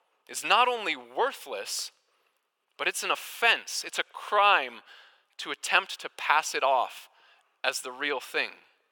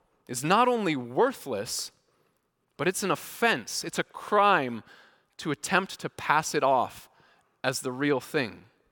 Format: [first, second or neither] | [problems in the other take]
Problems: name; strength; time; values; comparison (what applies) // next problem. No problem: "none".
second | thin; very; fading below 650 Hz